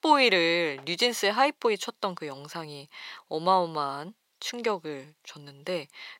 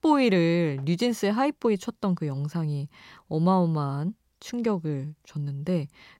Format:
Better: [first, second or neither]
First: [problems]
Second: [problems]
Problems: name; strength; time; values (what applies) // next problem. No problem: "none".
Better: second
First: thin; very; fading below 550 Hz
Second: none